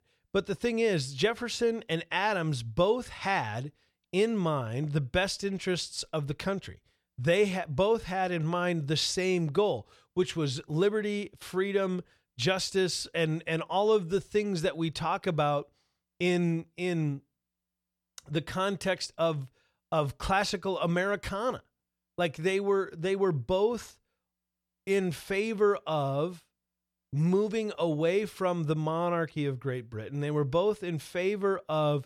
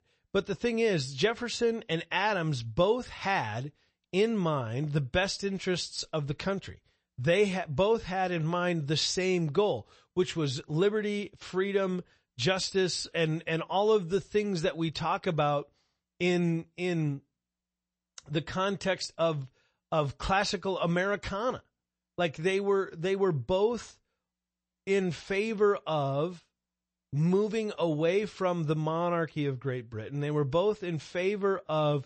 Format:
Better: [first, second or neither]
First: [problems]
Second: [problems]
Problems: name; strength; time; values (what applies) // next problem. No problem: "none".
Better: first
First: none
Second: garbled, watery; slightly; nothing above 8 kHz